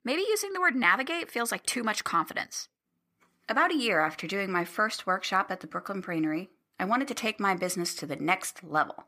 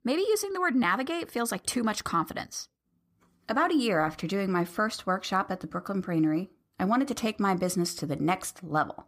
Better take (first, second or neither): second